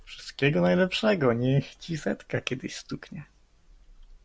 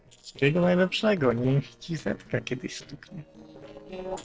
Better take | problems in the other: first | noise reduction (neural separator model SepFormer DNS4)

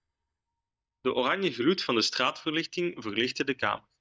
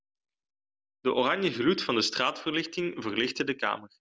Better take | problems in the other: second | noise reduction (neural mask model DeepFilterNet 3)

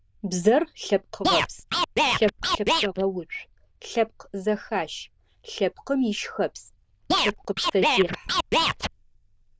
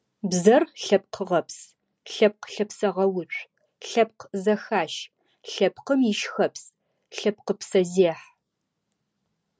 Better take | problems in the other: second | noise reduction (neural diffusion model UNIVERSE++)

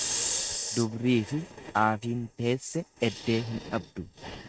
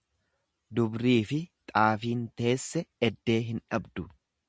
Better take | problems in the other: second | noise reduction (neural mask model RNNoise)

